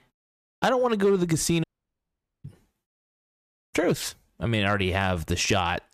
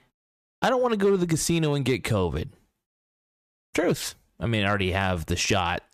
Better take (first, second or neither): second